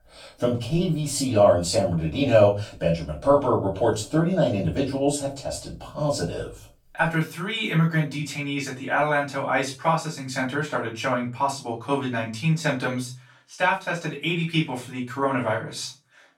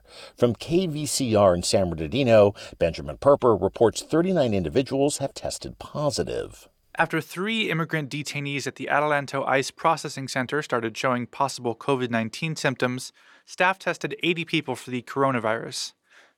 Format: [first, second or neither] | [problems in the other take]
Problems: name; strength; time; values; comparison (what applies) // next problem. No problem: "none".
second | off-mic speech; far // room echo; slight; dies away in 0.3 s